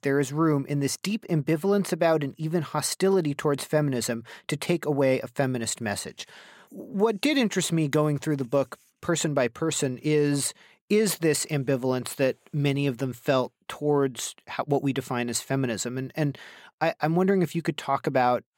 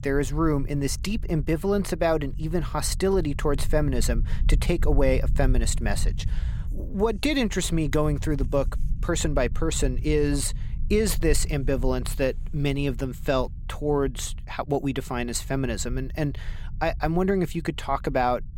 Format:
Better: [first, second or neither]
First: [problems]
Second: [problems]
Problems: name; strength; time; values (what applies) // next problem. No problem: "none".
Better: first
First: none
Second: low rumble; faint; throughout; 20 dB below the speech